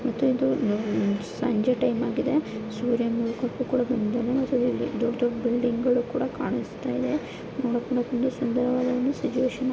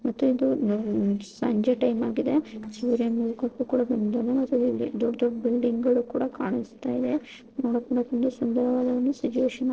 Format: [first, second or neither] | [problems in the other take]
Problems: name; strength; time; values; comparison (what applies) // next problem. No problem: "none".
first | noise reduction (neural separator model SepFormer DNS4)